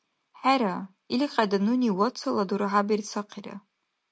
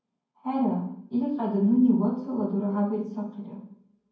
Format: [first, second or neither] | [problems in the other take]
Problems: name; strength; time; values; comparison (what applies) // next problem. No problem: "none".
first | room echo; dies away in 0.9 s